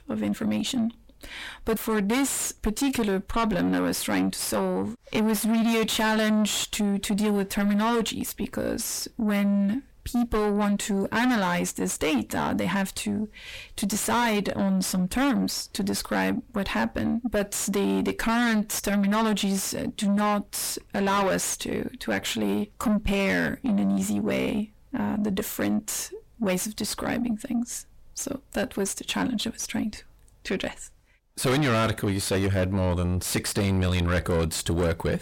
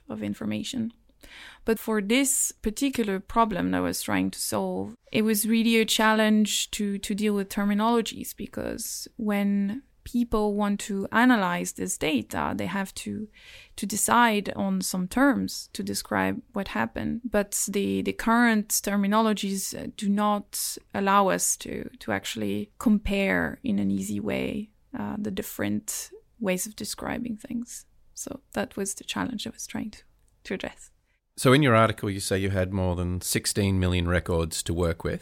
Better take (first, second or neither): second